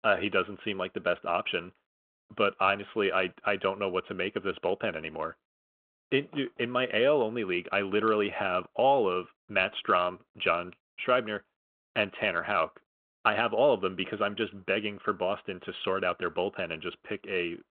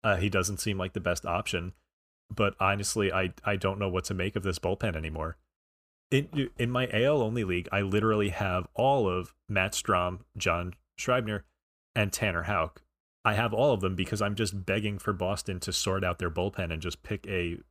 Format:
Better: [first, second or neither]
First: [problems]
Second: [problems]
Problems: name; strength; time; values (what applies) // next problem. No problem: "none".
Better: second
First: phone-call audio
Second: none